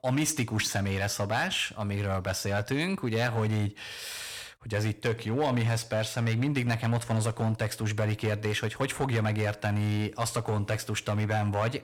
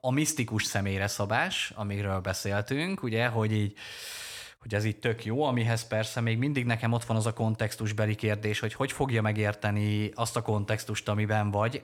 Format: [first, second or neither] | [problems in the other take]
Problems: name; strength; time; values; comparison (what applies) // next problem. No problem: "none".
second | distortion; slight; 7% of the sound clipped